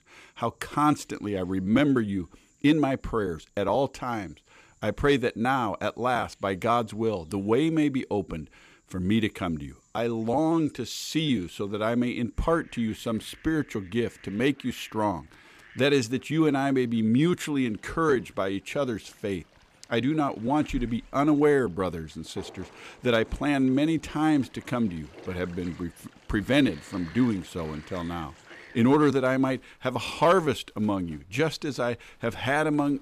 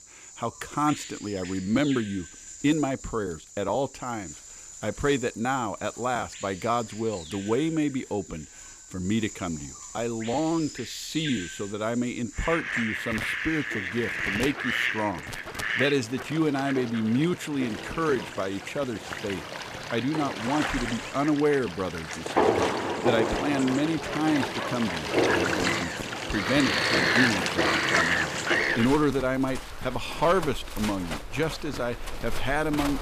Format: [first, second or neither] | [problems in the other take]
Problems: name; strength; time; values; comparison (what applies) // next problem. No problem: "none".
first | animal sounds; loud; throughout; 1 dB below the speech; faint in the first